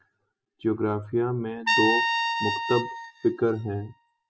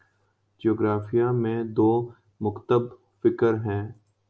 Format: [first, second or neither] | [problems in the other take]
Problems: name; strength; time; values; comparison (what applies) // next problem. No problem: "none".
second | noise reduction (classical method spectral subtraction)